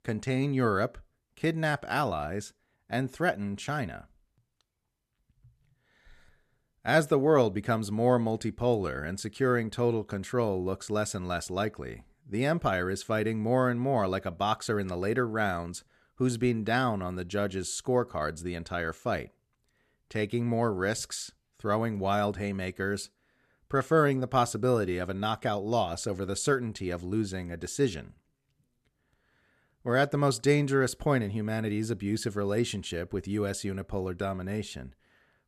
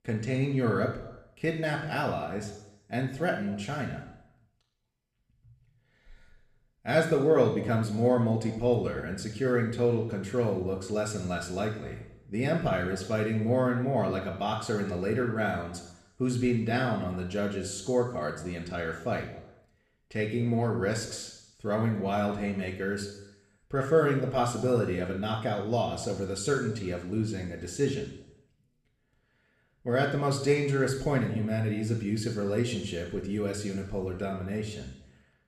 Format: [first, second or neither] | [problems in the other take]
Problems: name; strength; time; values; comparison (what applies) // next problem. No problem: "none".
first | room echo; noticeable; dies away in 0.8 s // off-mic speech; somewhat distant